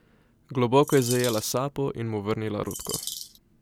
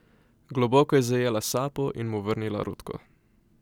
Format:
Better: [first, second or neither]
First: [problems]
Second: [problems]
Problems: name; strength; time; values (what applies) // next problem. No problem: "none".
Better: second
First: background sound (Bird vocalization, bird call, bird song); 9 dB below the speech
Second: none